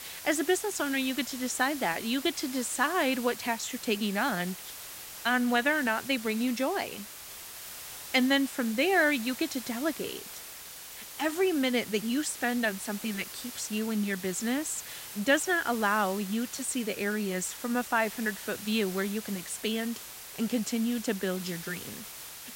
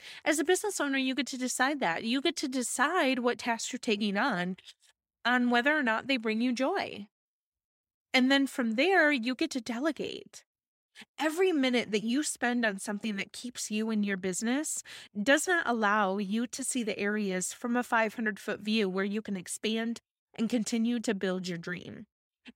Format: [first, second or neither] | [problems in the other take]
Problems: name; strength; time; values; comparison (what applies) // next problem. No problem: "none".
second | hiss; noticeable; throughout; 10 dB below the speech